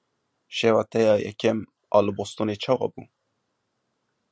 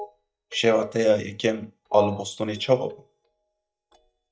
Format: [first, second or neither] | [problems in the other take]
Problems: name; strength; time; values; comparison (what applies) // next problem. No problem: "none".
first | noise reduction (neural mask model DeepFilterNet 3)